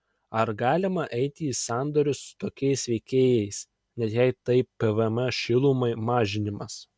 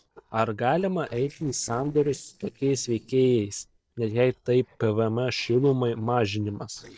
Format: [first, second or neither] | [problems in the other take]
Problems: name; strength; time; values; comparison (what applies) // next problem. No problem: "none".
first | noise reduction (neural separator model SepFormer DNS4)